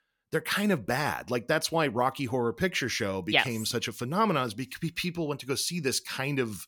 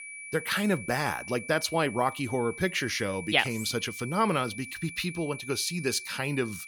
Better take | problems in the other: first | high-pitched whine; noticeable; throughout; 2.5 kHz, 10 dB below the speech

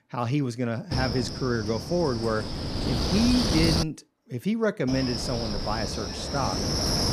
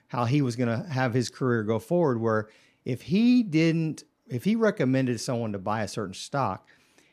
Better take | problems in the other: second | wind noise on the microphone; heavy; from 1 to 4 s and from 5 s on; as loud as the speech

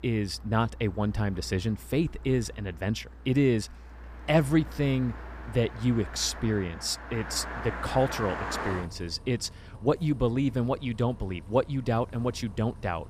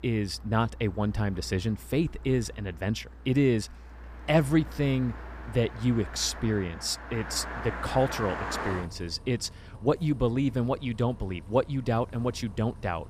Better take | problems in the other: neither | traffic noise; noticeable; throughout; 15 dB below the speech; the same in both

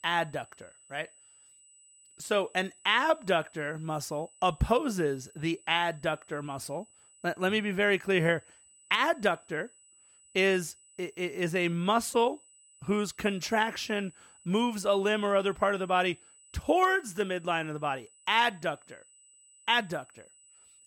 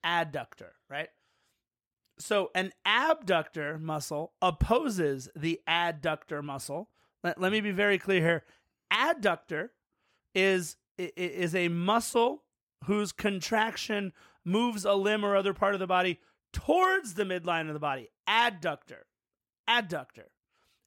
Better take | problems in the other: second | high-pitched whine; faint; throughout; 8 kHz, 25 dB below the speech

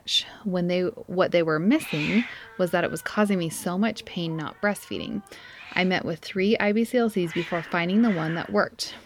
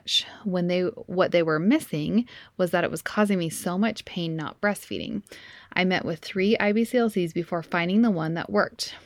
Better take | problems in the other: second | hiss; noticeable; throughout; 10 dB below the speech

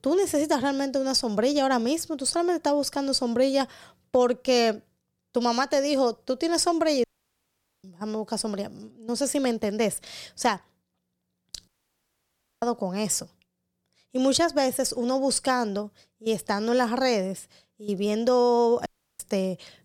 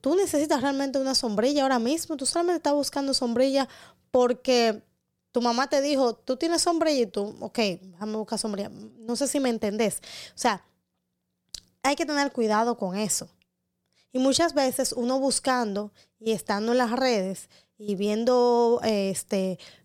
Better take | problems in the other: second | audio cutting out; at 7 s for 1 s, at 12 s for 1 s and at 19 s

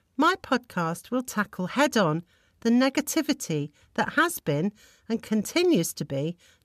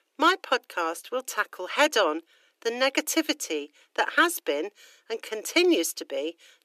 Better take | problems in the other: first | thin; very; fading below 300 Hz

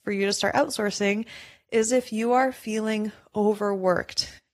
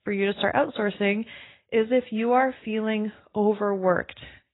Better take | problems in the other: first | garbled, watery; badly; nothing above 4 kHz; slightly in the first

